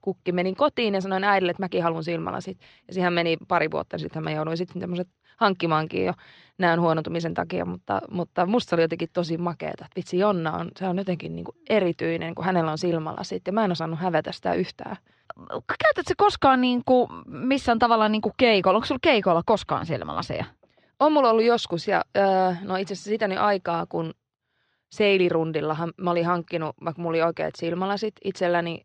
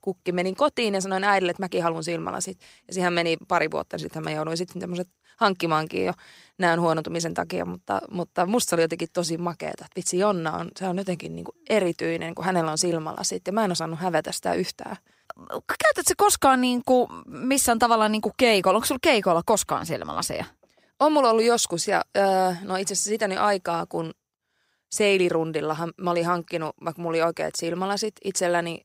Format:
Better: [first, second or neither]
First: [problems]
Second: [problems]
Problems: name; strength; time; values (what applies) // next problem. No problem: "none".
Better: second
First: muffled; slightly; fading above 4 kHz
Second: none